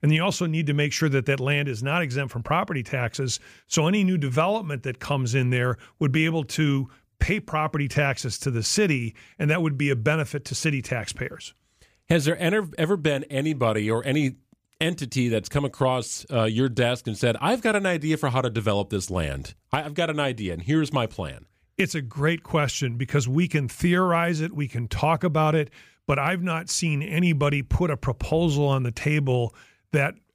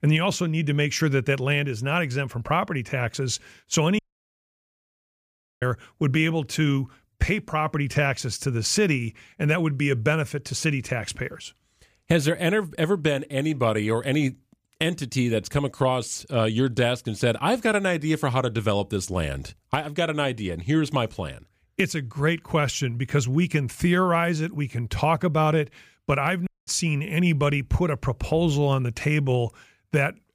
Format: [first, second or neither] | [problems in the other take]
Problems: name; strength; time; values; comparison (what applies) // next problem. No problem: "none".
first | audio cutting out; at 4 s for 1.5 s and at 26 s